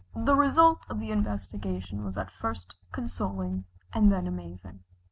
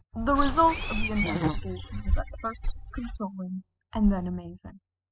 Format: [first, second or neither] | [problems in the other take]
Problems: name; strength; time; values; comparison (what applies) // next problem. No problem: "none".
first | noise reduction (classical method spectral subtraction)